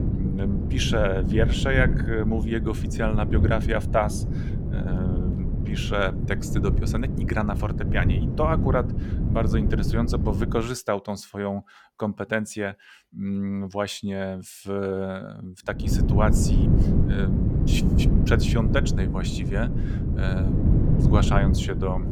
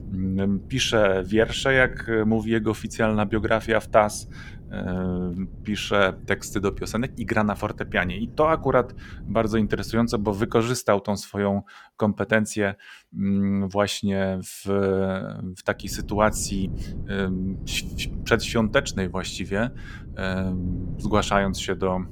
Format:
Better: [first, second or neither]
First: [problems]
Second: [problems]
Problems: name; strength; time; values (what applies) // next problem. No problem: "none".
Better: second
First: wind noise on the microphone; heavy; until 11 s and from 16 s on; 6 dB below the speech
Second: wind noise on the microphone; occasional gusts; until 11 s and from 16 s on; 25 dB below the speech